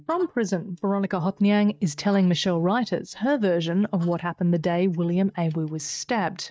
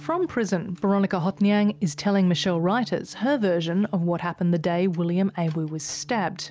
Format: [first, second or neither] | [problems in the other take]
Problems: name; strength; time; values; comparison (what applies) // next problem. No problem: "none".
second | noise reduction (neural mask model DeepFilterNet 3)